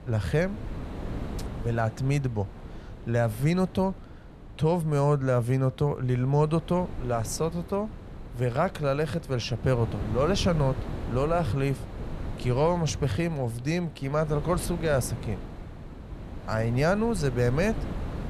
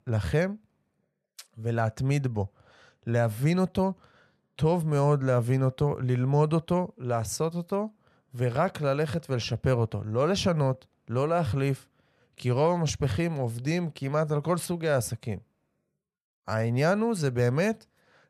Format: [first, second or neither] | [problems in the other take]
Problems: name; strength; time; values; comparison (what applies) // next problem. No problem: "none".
second | wind noise on the microphone; occasional gusts; 15 dB below the speech